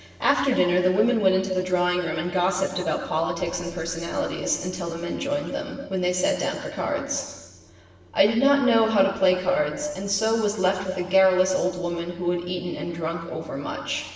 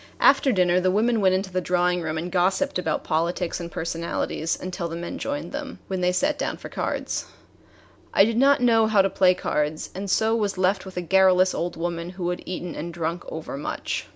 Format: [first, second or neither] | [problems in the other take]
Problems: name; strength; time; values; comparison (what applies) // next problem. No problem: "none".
second | room echo; dies away in 1.3 s